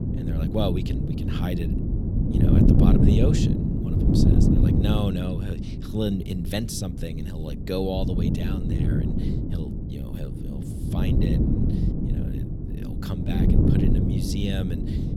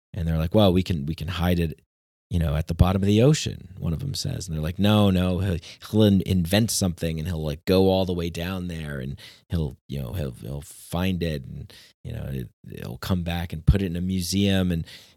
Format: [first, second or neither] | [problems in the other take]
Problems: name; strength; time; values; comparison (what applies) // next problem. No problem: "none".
second | wind noise on the microphone; heavy; 2 dB above the speech